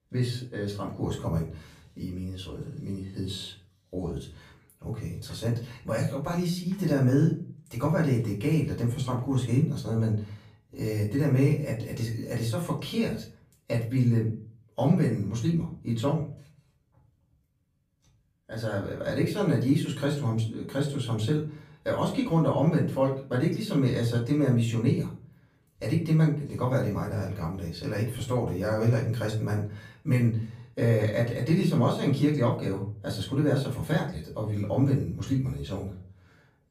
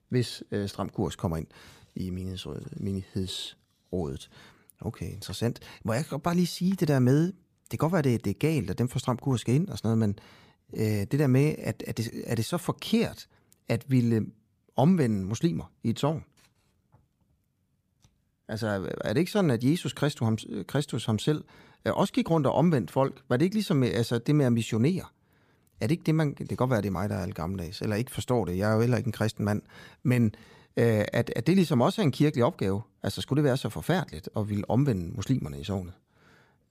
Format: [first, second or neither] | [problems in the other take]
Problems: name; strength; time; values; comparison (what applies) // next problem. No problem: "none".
second | off-mic speech; far // room echo; slight; dies away in 0.4 s